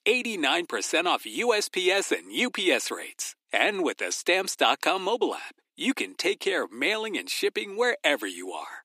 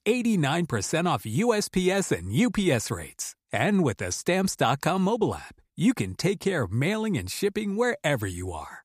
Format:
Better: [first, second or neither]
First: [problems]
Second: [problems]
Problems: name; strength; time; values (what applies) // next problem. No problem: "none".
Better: second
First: thin; somewhat; fading below 300 Hz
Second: none